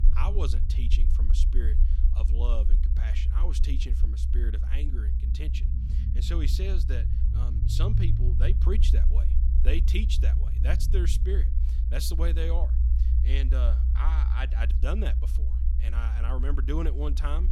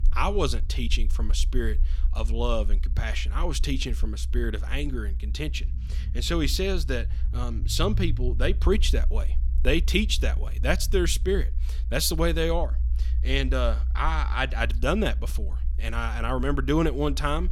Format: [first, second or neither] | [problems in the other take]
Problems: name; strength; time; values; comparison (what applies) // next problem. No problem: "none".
second | low rumble; loud; throughout; 6 dB below the speech; faint in the second